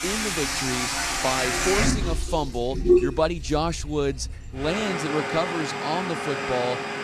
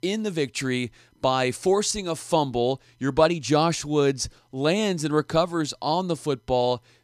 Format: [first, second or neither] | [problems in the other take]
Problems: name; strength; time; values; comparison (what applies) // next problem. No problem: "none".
second | household noises; very loud; throughout; 2 dB above the speech